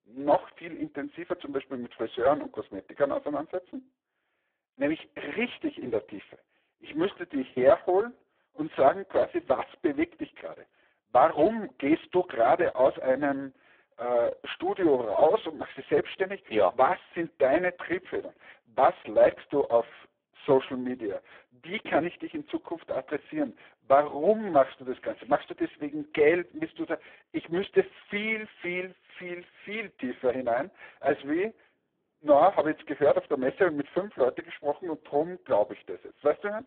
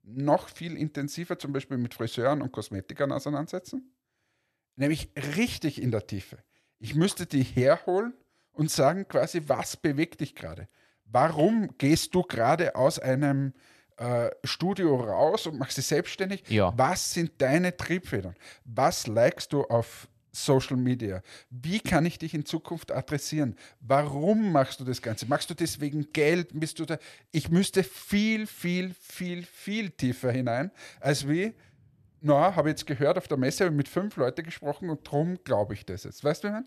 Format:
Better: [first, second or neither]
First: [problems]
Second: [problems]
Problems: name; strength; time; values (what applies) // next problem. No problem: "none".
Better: second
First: phone-call audio; poor line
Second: none